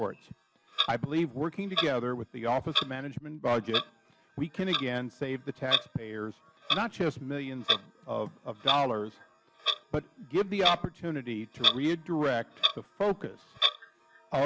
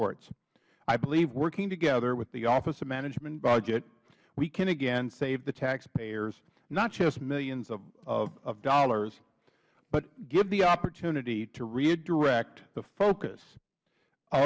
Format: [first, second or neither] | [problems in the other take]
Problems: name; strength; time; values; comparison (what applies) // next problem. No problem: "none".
second | background sound (Clock); 3 dB below the speech